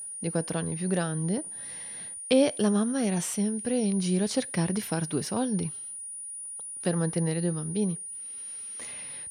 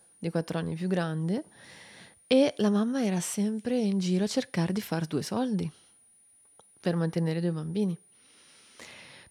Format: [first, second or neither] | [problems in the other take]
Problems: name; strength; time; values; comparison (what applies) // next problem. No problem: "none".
second | high-pitched whine; loud; throughout; 9.5 kHz, 8 dB below the speech; faint in the second